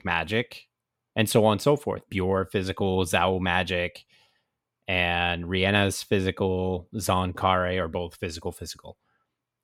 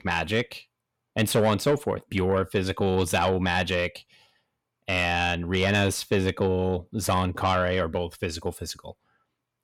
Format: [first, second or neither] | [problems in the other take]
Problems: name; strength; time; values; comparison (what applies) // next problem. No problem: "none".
first | distortion; slight; 10 dB below the speech